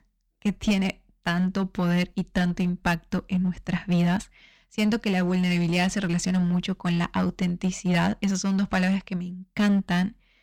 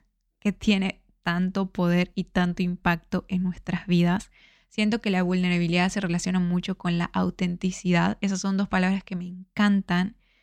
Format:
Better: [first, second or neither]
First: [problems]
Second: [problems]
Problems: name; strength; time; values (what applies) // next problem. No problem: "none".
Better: second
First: distortion; slight; 8% of the sound clipped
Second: none